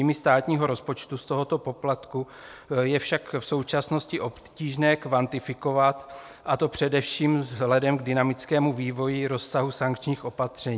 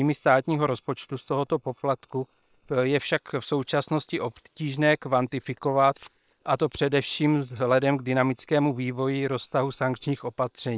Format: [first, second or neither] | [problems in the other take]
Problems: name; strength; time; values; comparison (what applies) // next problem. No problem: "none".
first | noise reduction (neural separator model SepFormer WHAM!)